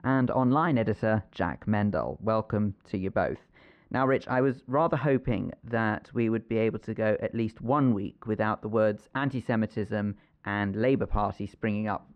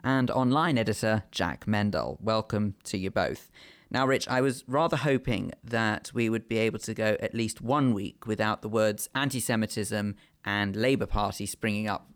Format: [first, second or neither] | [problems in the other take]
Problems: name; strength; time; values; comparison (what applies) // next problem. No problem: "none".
second | muffled; very; fading above 1.5 kHz